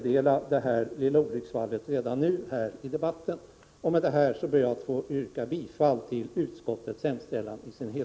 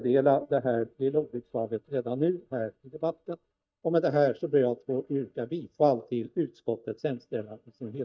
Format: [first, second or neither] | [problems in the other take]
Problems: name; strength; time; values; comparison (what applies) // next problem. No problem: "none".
first | noise reduction (neural mask model DeepFilterNet 3)